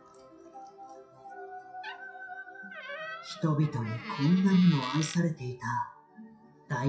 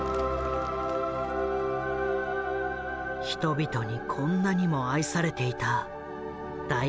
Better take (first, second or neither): second